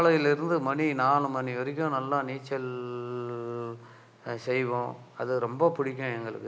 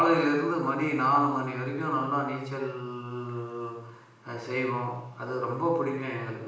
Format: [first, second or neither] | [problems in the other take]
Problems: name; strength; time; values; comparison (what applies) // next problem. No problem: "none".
first | room echo; dies away in 0.7 s